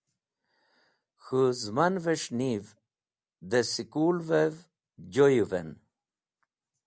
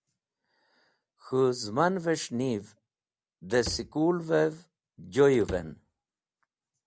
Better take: first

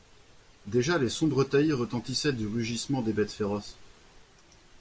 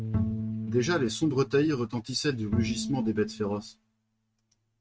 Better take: first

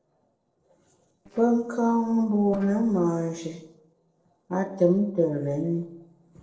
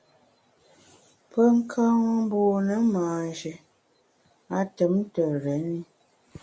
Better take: second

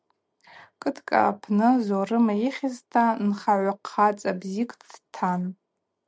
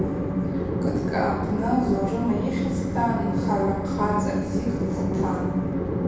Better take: first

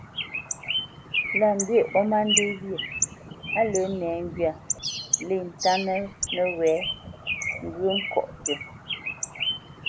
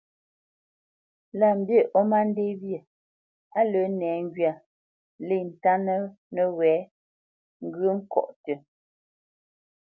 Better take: second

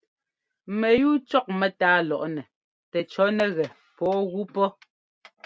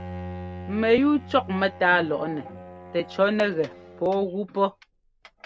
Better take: first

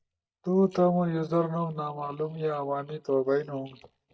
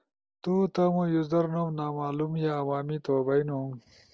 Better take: second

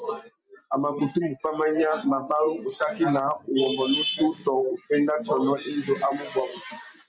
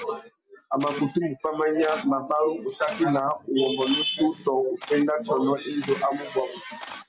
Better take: first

